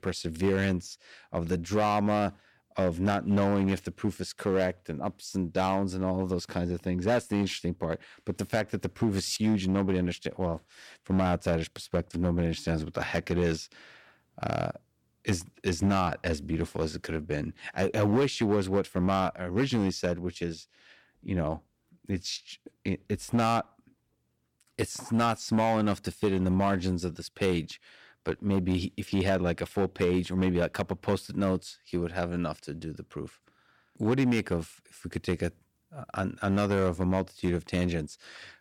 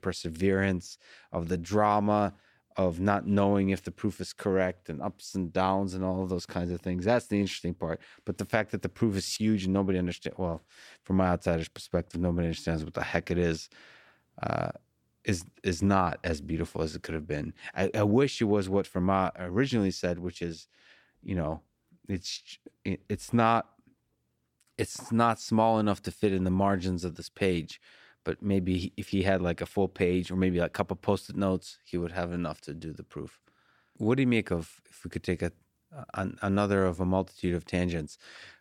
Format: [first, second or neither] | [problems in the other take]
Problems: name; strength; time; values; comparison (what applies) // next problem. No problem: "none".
second | distortion; slight; 4% of the sound clipped